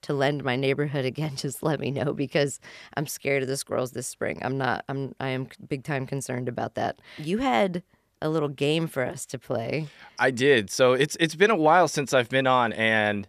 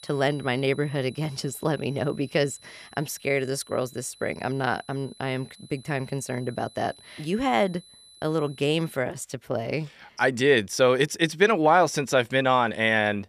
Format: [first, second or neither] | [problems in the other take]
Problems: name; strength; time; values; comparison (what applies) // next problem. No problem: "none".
first | high-pitched whine; faint; until 9 s; 4 kHz, 25 dB below the speech